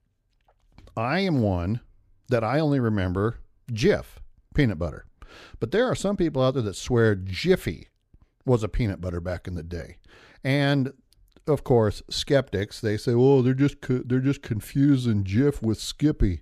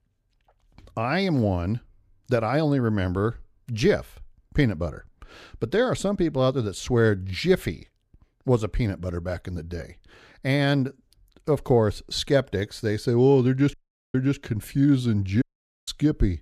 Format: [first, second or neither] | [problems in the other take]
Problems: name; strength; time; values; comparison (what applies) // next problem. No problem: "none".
first | audio cutting out; at 14 s and at 15 s